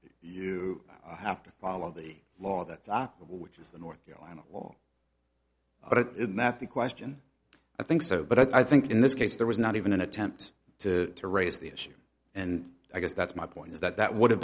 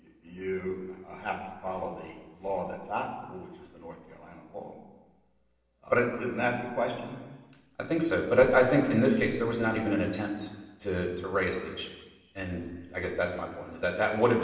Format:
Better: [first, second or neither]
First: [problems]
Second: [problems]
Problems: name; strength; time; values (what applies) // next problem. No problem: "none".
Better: first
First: none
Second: room echo; dies away in 1.3 s